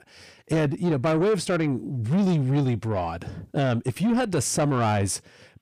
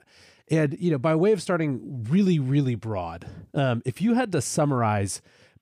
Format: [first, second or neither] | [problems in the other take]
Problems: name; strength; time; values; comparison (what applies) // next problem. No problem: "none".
second | distortion; slight; 10 dB below the speech